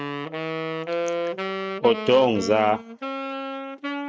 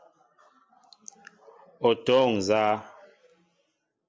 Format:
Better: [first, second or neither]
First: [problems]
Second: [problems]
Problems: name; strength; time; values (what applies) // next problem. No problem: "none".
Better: second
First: noise reduction (neural mask model RNNoise)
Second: none